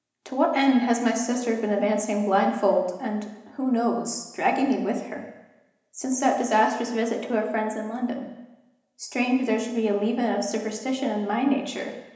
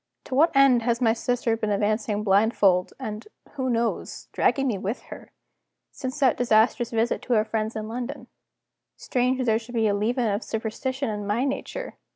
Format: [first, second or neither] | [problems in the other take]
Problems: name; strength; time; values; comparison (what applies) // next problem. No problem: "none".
second | room echo; dies away in 1 s